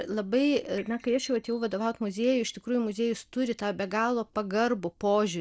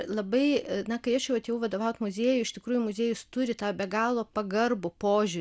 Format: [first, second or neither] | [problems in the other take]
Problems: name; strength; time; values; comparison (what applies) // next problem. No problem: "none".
second | noise reduction (neural separator model SepFormer DNS4)